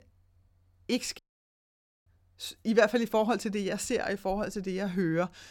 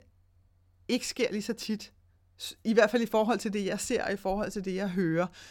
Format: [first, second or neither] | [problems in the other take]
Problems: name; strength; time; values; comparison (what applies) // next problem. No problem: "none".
second | audio cutting out; at 1 s for 1 s